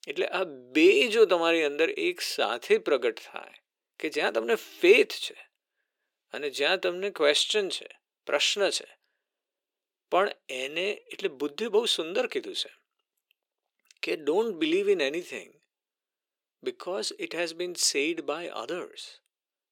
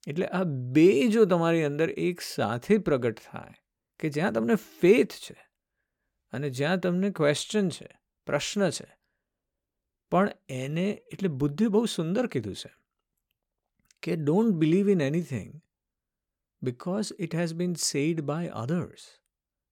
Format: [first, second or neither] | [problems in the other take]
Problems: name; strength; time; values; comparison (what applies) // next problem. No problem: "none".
second | thin; very; fading below 350 Hz